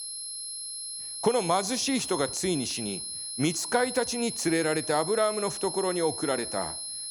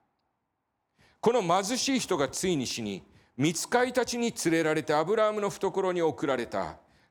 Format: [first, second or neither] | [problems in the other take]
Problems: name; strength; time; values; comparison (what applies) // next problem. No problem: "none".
second | high-pitched whine; loud; throughout; 10.5 kHz, 5 dB below the speech